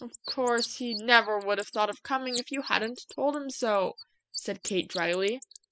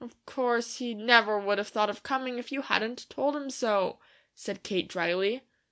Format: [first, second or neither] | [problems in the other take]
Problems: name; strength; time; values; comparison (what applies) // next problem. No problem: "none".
second | noise reduction (classical method spectral subtraction)